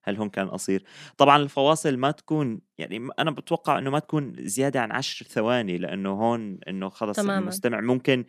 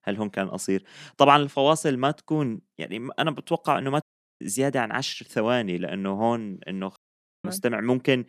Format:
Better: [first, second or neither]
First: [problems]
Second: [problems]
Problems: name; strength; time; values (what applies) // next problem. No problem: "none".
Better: first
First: none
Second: audio cutting out; at 4 s and at 7 s